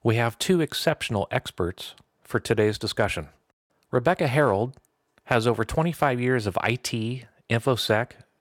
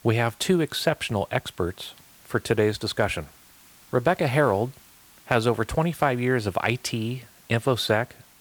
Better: first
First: none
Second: hiss; faint; throughout; 25 dB below the speech

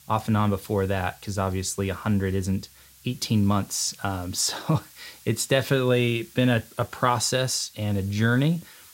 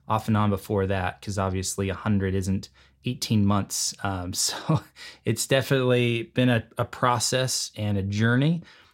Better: second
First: hiss; faint; throughout; 25 dB below the speech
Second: none

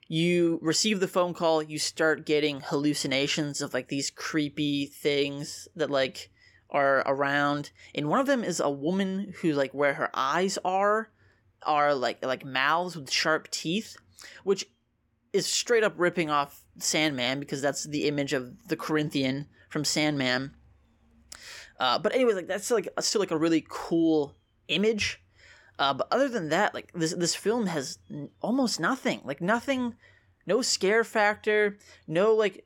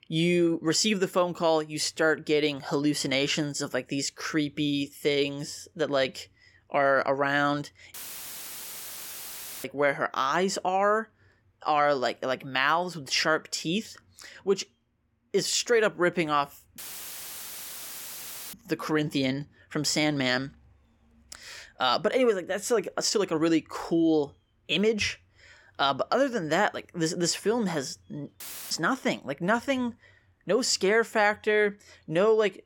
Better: first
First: none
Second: audio cutting out; filled with static; at 8 s for 1.5 s, at 17 s for 2 s and at 28 s

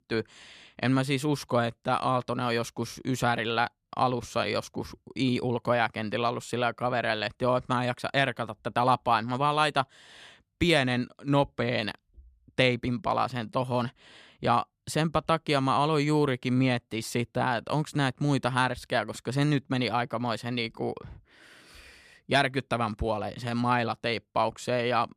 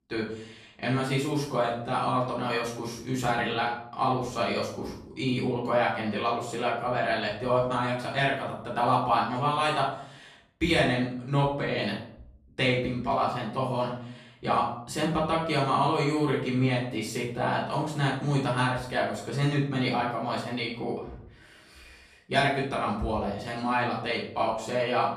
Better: first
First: none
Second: off-mic speech; far // room echo; noticeable; dies away in 0.5 s

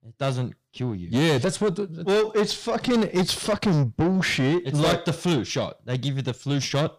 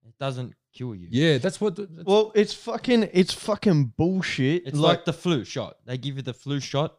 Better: second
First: distortion; heavy; 7 dB below the speech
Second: none

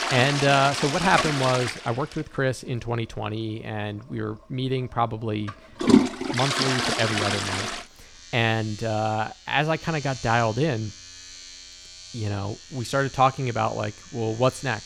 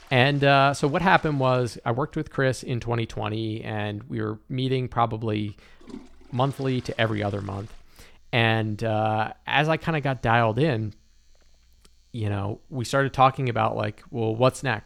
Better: second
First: household noises; loud; throughout; as loud as the speech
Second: household noises; faint; throughout; 25 dB below the speech

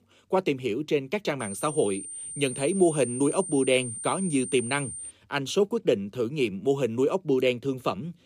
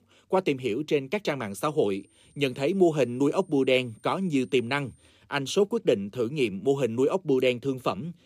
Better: second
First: high-pitched whine; loud; from 1.5 to 5 s; 9 kHz, 8 dB below the speech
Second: high-pitched whine; faint; from 1.5 to 5 s; 9 kHz, 35 dB below the speech

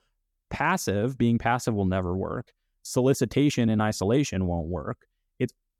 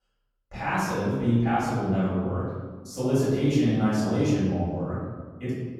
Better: first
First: none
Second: off-mic speech; far // room echo; strong; dies away in 1.4 s

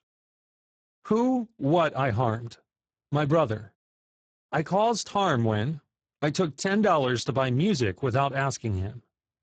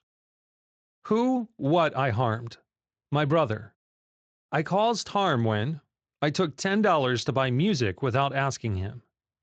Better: second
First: garbled, watery; badly; nothing above 7.5 kHz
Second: garbled, watery; slightly; nothing above 7.5 kHz

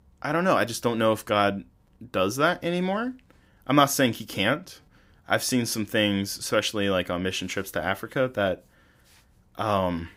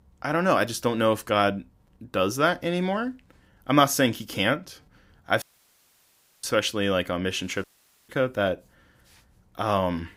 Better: first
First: none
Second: audio cutting out; at 5.5 s for 1 s and at 7.5 s

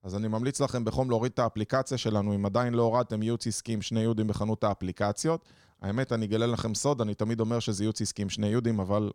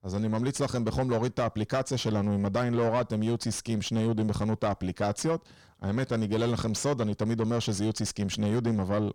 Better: first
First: none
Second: distortion; slight; 10 dB below the speech

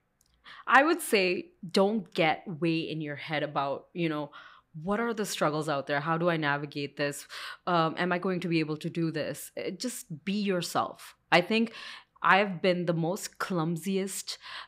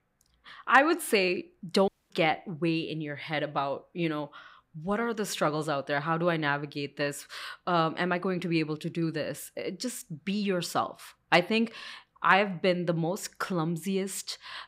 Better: first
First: none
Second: audio cutting out; at 2 s

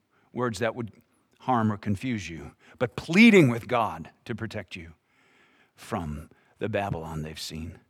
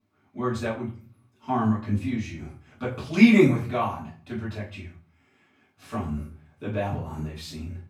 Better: first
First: none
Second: off-mic speech; far // room echo; noticeable; dies away in 0.4 s

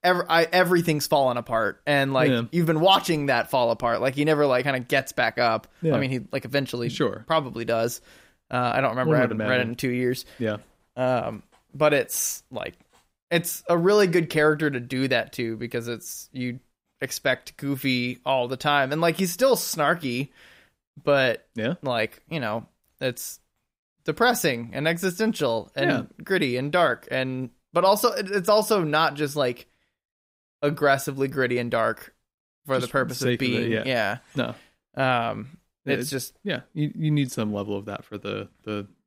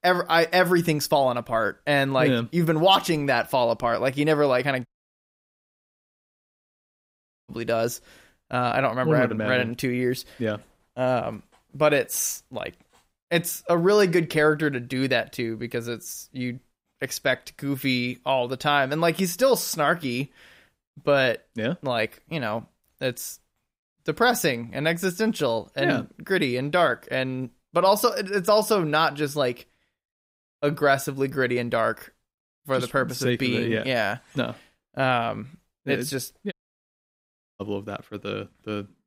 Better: first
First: none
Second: audio cutting out; at 5 s for 2.5 s and at 37 s for 1 s

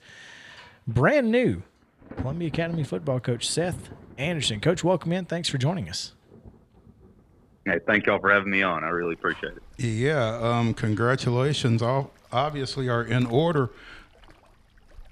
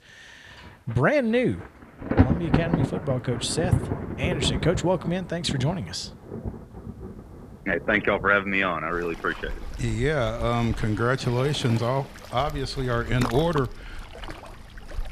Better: first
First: rain or running water; faint; throughout; 20 dB below the speech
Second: rain or running water; loud; throughout; 6 dB below the speech

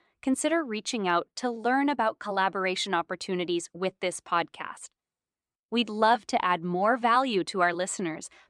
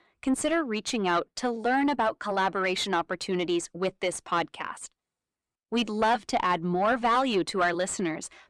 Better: first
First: none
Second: distortion; slight; 10 dB below the speech

